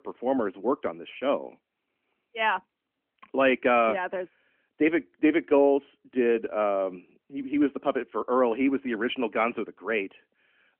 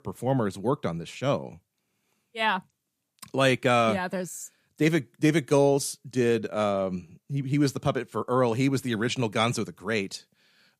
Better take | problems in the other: second | phone-call audio; nothing above 3 kHz

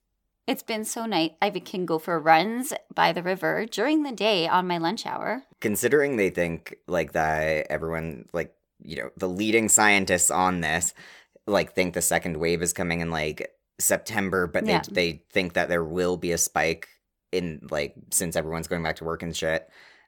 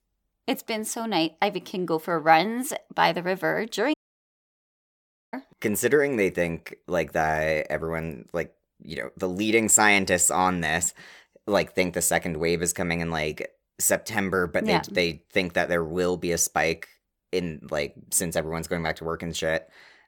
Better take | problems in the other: first | audio cutting out; at 4 s for 1.5 s

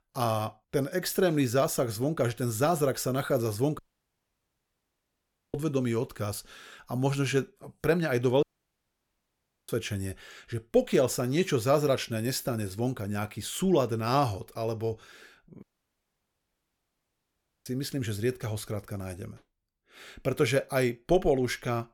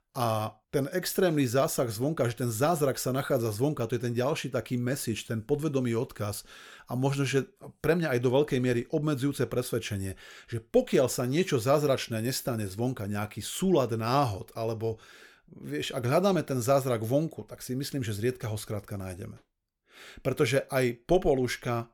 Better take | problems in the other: second | audio cutting out; at 4 s for 2 s, at 8.5 s for 1.5 s and at 16 s for 2 s

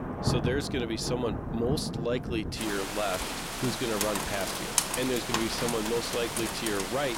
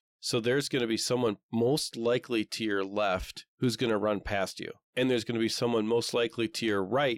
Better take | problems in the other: second | rain or running water; very loud; throughout; as loud as the speech

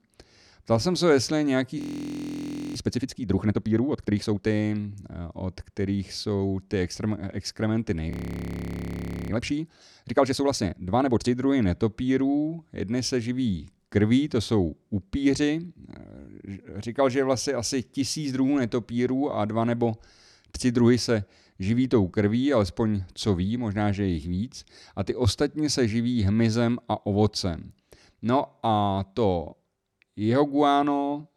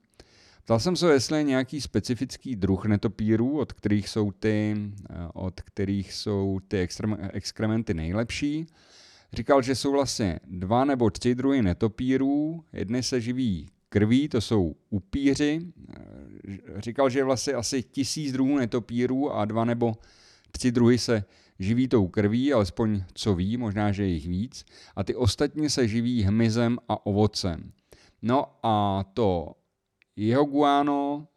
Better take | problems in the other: second | audio freezing; at 2 s for 1 s and at 8 s for 1 s

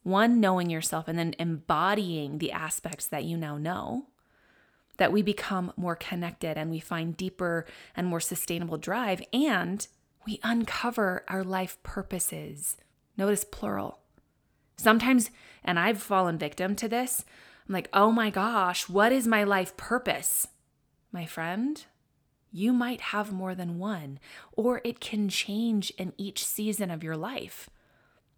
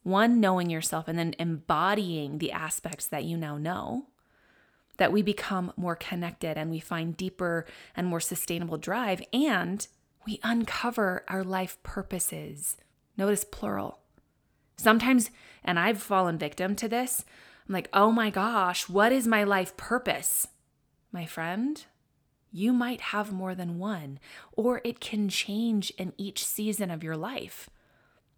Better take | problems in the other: neither | none

